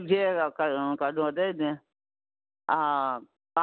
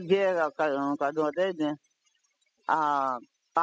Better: first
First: none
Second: noise reduction (classical method spectral subtraction)

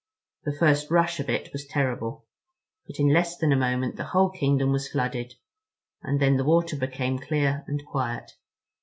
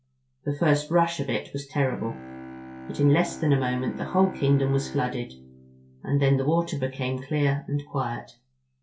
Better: first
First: none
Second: background sound (Bowed string instrument); 16 dB below the speech // room echo; dies away in 0.2 s

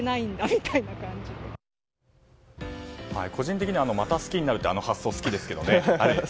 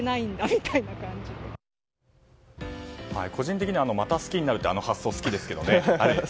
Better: second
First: background sound (Breathing); 18 dB below the speech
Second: none

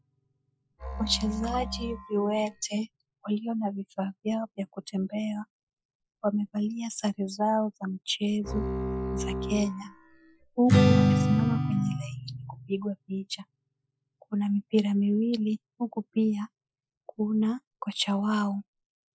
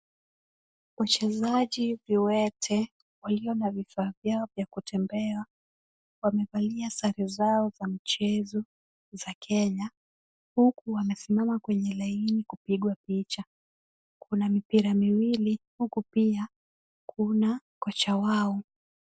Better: second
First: noise reduction (classical method Wiener filter)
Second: none

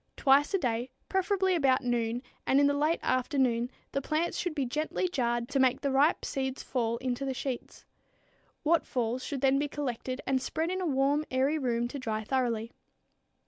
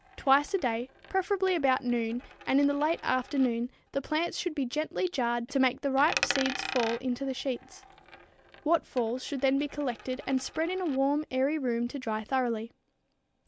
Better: first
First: none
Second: background sound (Coin (dropping)); 14 dB below the speech

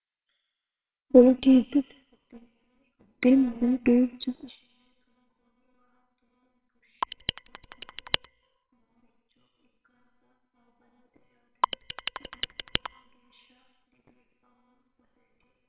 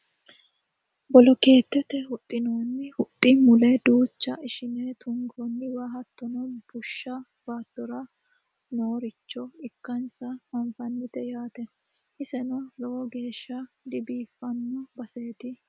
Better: second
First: noise reduction (neural separator model SepFormer WHAMR!)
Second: none

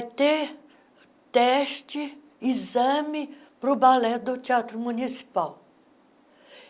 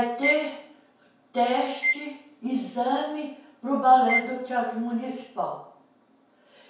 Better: first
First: none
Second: background sound (Bowed string instrument); 5 dB below the speech // room echo; dies away in 0.5 s

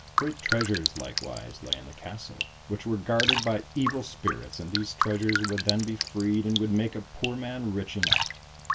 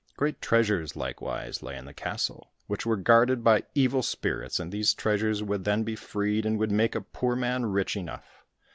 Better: second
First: background sound (Raindrop); 2 dB below the speech // room echo; dies away in 0.2 s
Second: none

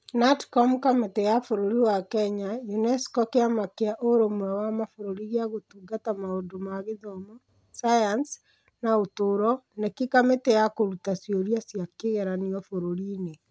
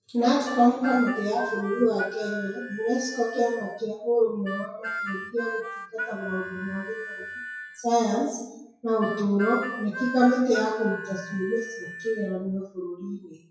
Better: first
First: none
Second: noise reduction (classical method WPE with log-MMSE)

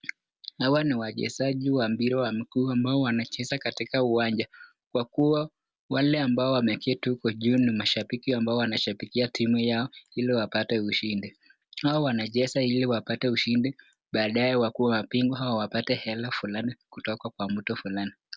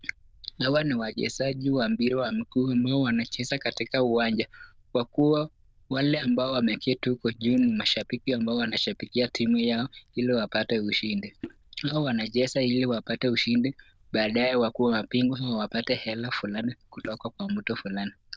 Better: first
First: none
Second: noise reduction (neural diffusion model UNIVERSE++)

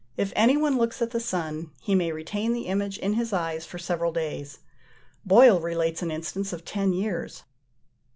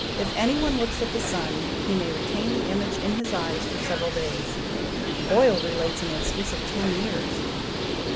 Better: first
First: none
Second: background sound (Bird); as loud as the speech

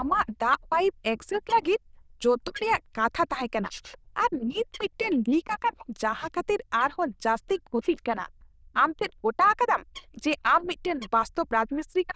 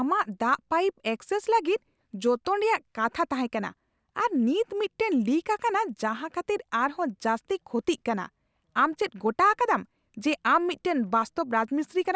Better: second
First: noise reduction (neural diffusion model UNIVERSE++)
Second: none

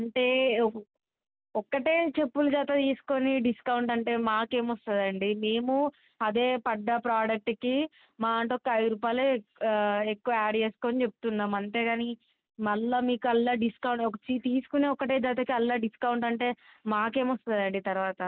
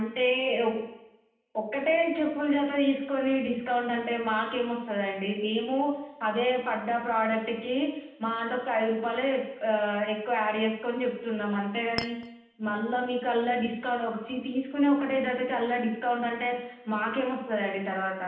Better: first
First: none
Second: background sound (Chink, clink); 11 dB below the speech // room echo; dies away in 0.9 s

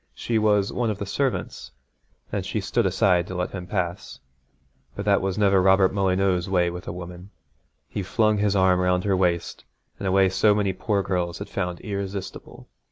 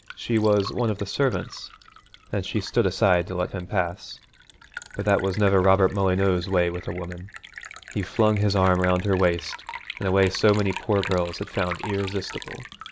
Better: first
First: none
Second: background sound (Liquid); 16 dB below the speech

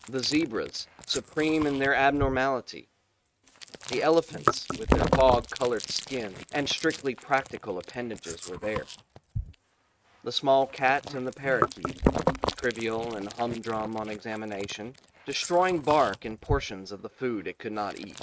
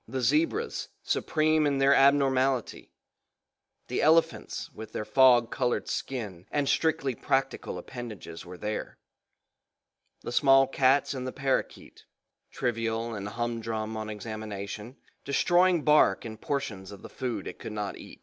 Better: second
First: noise reduction (neural mask model RNNoise)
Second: none

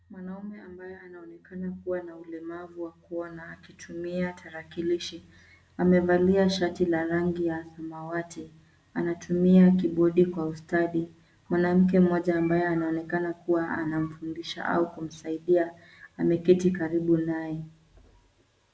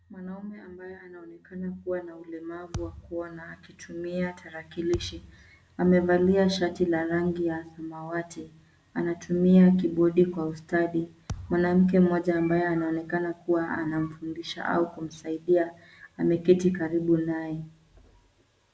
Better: first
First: none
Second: background sound (Thump, thud); 16 dB below the speech

